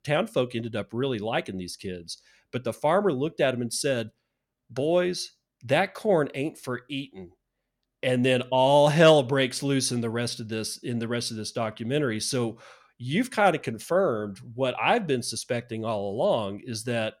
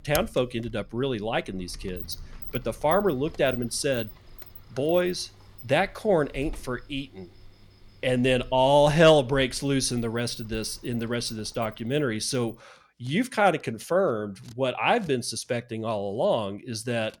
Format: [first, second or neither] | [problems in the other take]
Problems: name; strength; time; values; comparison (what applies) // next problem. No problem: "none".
first | household noises; noticeable; throughout; 15 dB below the speech